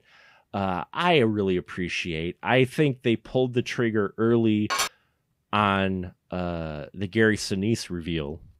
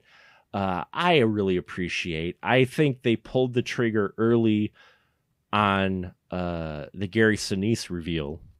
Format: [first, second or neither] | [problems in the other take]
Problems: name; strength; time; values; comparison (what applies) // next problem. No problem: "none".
second | clattering dishes; noticeable; at 4.5 s; peak 1 dB below the speech